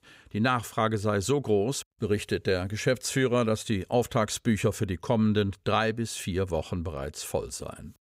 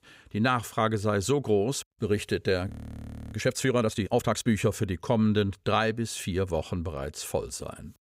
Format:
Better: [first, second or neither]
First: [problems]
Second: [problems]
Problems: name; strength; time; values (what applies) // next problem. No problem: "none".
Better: first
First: none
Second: audio freezing; at 2.5 s for 0.5 s